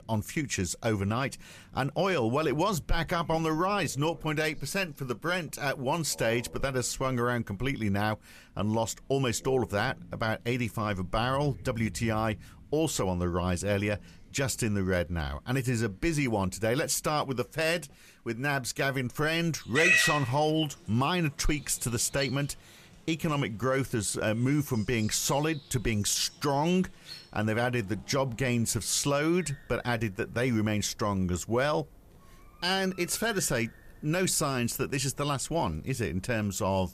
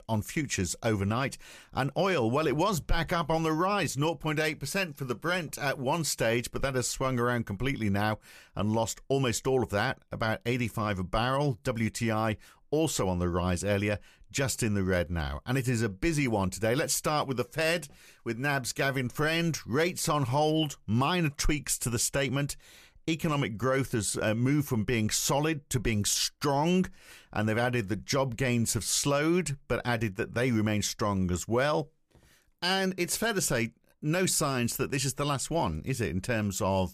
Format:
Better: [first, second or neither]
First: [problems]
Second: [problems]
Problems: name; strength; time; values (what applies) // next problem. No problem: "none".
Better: second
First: animal sounds; loud; throughout; 4 dB below the speech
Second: none